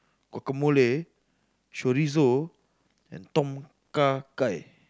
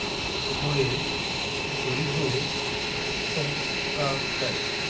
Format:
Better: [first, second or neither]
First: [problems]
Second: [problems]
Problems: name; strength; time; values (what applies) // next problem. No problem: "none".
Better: first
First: none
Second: background sound (Fixed-wing aircraft, airplane); 4 dB above the speech // room echo; dies away in 0.3 s